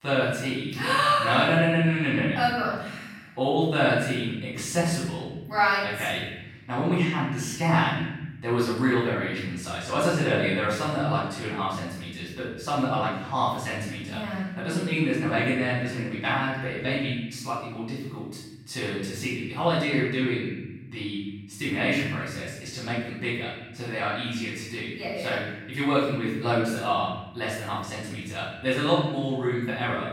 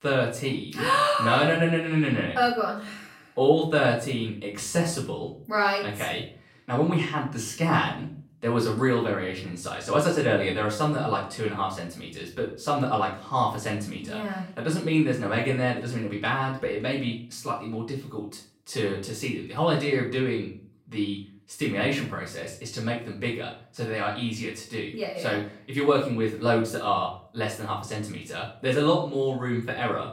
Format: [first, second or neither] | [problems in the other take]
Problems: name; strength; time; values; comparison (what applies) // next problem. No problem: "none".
second | room echo; strong; dies away in 1.1 s; slight in the second // off-mic speech; far; far in the second